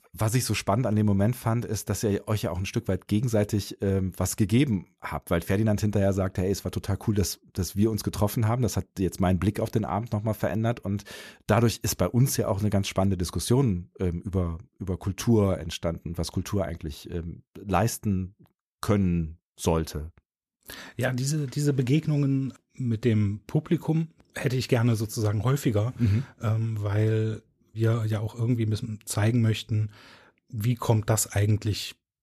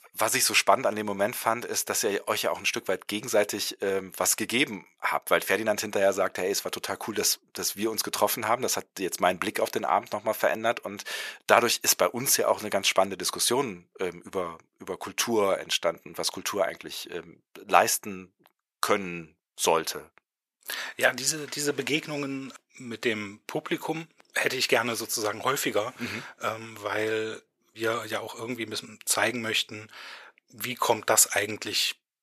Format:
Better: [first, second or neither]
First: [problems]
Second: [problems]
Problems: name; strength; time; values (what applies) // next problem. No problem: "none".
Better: first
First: none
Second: thin; very; fading below 600 Hz